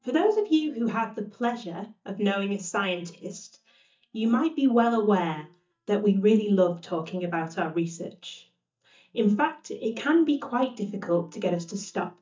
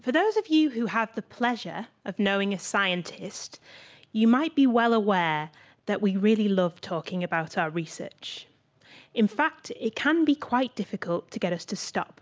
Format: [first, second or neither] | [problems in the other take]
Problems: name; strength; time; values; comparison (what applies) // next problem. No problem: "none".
second | noise reduction (neural mask model DeepFilterNet 3)